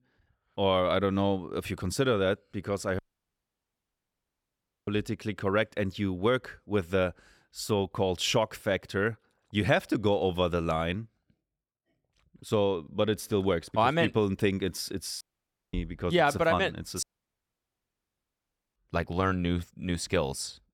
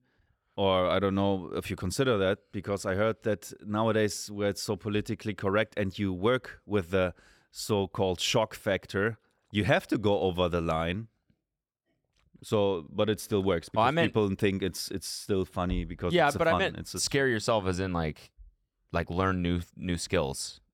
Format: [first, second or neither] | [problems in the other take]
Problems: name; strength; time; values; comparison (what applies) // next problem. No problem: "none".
second | audio cutting out; at 3 s for 2 s, at 15 s for 0.5 s and at 17 s for 1.5 s